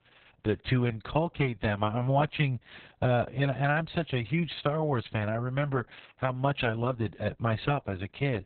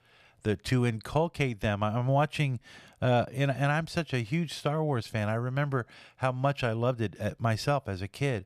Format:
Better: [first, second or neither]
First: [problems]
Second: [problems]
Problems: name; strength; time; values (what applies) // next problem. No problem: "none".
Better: second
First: garbled, watery; badly; nothing above 4 kHz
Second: none